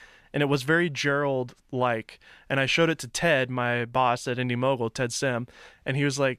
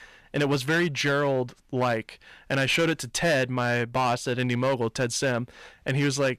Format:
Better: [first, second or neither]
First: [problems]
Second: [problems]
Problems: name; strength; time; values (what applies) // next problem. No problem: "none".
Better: first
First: none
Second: distortion; slight; 8% of the sound clipped